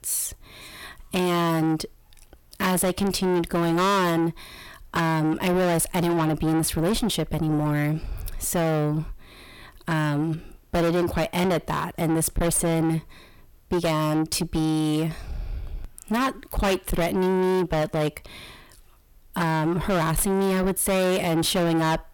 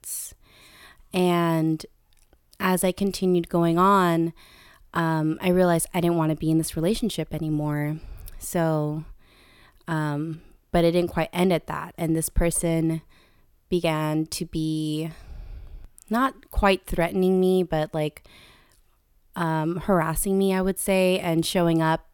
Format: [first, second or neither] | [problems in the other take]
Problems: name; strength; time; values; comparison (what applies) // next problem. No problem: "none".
second | distortion; heavy; 6 dB below the speech